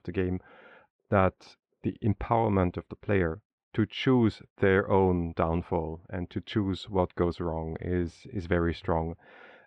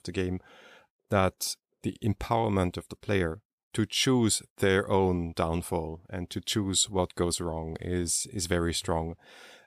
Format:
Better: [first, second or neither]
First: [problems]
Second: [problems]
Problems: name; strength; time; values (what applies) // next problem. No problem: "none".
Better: second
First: muffled; very; fading above 2 kHz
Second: none